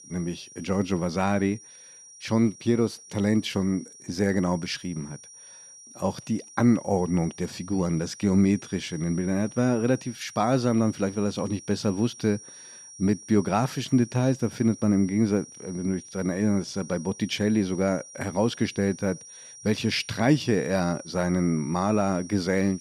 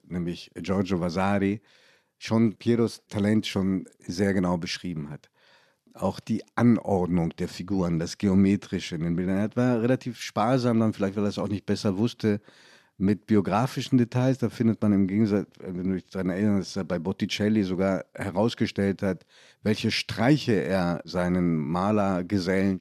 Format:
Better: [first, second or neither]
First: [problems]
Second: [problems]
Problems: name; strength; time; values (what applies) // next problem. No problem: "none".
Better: second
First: high-pitched whine; noticeable; throughout; 5.5 kHz, 20 dB below the speech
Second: none